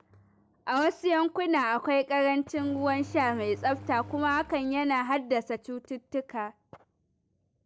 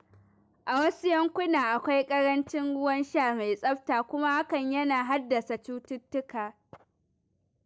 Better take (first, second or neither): second